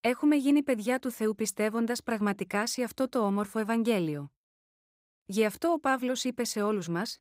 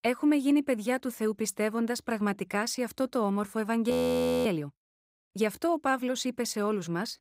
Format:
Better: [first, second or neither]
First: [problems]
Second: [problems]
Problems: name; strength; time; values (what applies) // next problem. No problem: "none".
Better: first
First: none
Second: audio freezing; at 4 s for 0.5 s